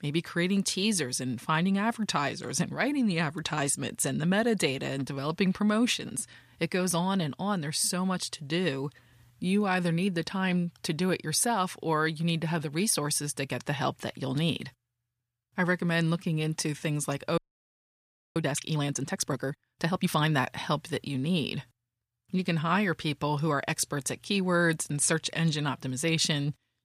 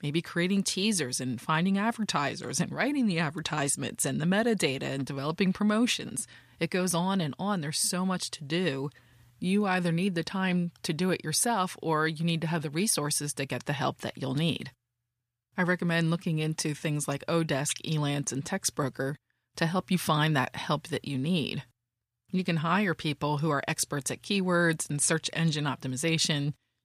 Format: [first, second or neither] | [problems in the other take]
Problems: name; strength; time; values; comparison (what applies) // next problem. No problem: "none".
second | audio freezing; at 17 s for 1 s